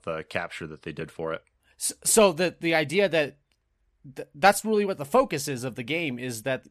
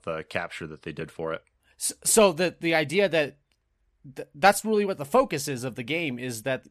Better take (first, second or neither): neither